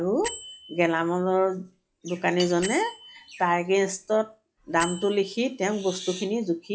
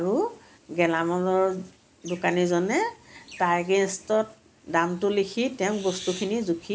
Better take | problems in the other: second | noise reduction (classical method log-MMSE)

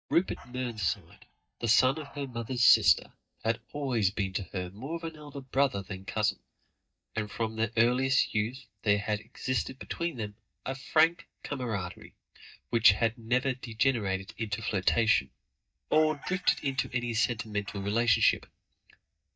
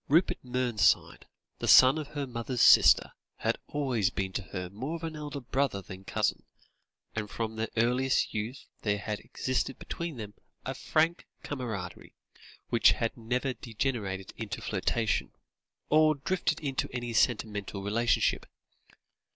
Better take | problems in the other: second | noise reduction (neural mask model DeepFilterNet 3)

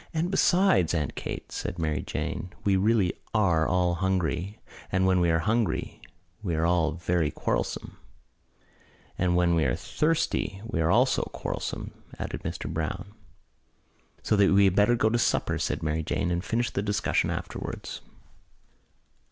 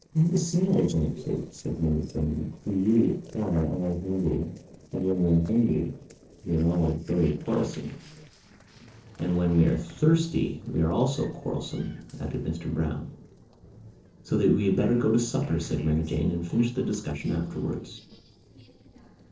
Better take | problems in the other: first | noise reduction (neural separator model SepFormer DNS4)

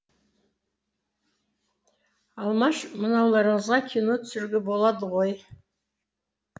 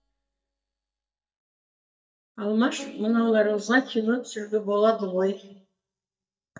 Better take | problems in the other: first | noise reduction (neural mask model DeepFilterNet 3)

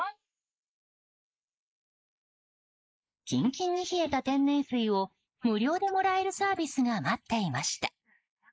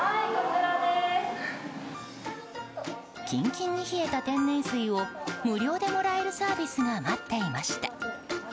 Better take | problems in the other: second | noise reduction (neural mask model Resemble Enhance denoiser)

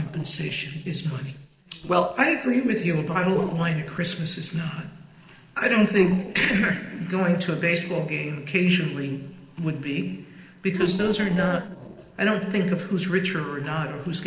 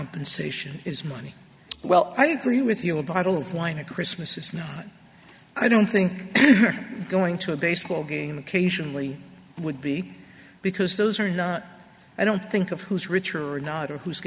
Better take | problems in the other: second | noise reduction (neural separator model SepFormer DNS4)

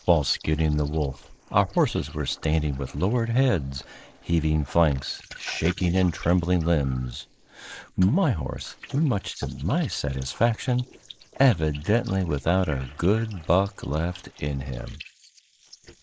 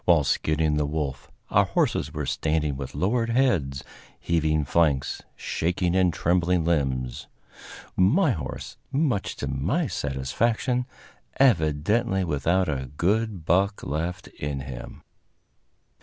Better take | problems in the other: second | noise reduction (neural mask model Resemble Enhance denoiser)

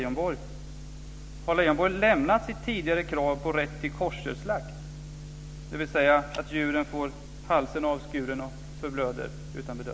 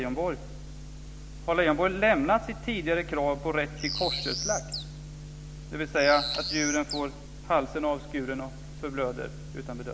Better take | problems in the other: first | background sound (Bird); 5 dB below the speech

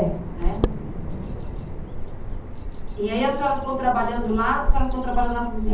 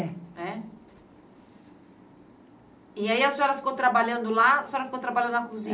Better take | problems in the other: second | background sound (Bird vocalization, bird call, bird song); 2 dB above the speech // room echo; dies away in 0.5 s

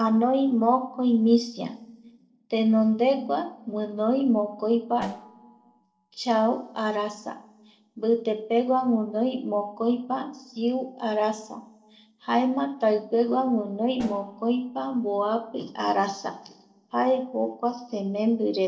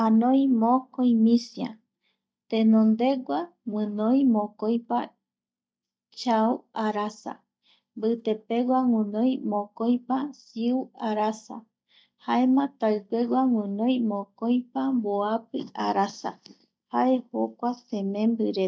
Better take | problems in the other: second | noise reduction (neural separator model SepFormer DNS4)

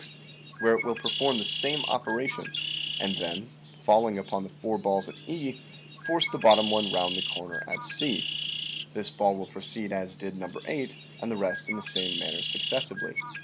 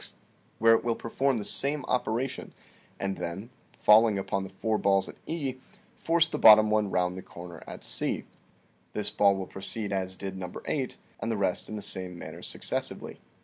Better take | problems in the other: second | background sound (Bird); 5 dB below the speech

